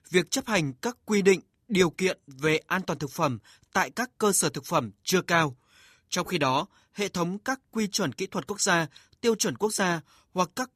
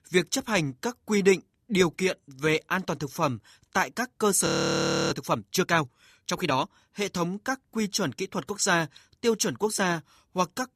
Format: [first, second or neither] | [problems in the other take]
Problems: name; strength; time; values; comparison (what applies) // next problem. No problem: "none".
first | audio freezing; at 4.5 s for 0.5 s